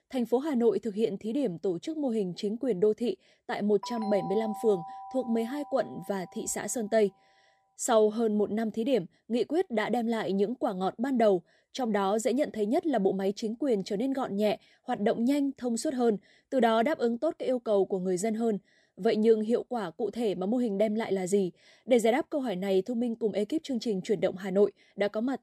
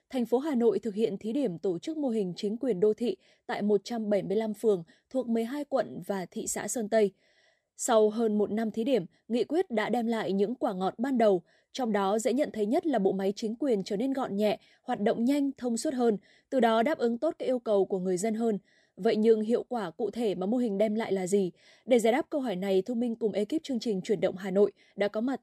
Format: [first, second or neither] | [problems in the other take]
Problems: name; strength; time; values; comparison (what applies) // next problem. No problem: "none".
second | doorbell; noticeable; from 4 to 6.5 s; peak 9 dB below the speech